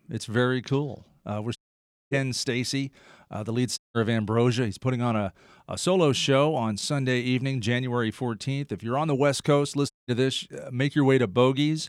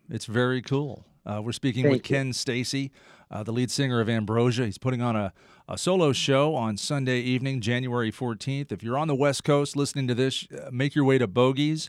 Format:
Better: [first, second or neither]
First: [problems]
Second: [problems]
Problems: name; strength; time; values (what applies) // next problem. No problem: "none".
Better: second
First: audio cutting out; at 1.5 s for 0.5 s, at 4 s and at 10 s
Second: none